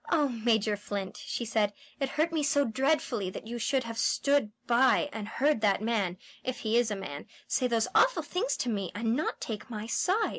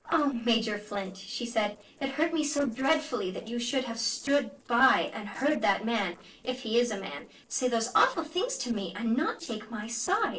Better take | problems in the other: first | noise reduction (neural separator model SepFormer DNS4)

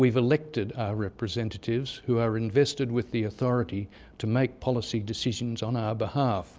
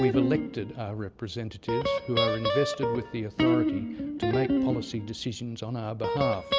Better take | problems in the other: first | background sound (Guitar); 2 dB above the speech

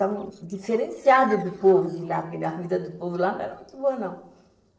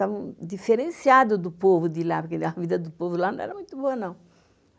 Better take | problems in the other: second | noise reduction (neural separator model SepFormer DNS4)

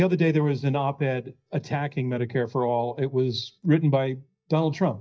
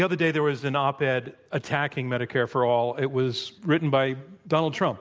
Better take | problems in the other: second | noise reduction (neural mask model DeepFilterNet 3)

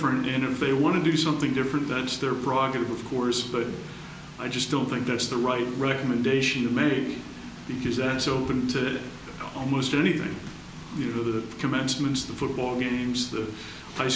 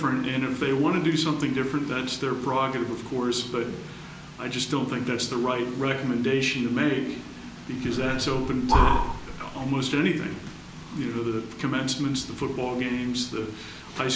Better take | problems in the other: first | background sound (Breathing); 1 dB above the speech

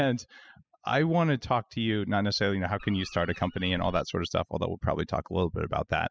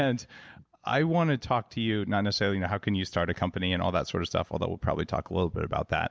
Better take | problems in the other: second | noise reduction (classical method spectral subtraction)

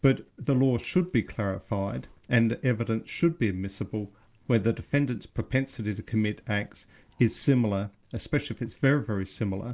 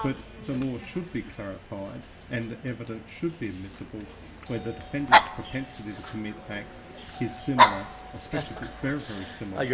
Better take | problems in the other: first | background sound (Dog); 4 dB above the speech // room echo; dies away in 0.4 s

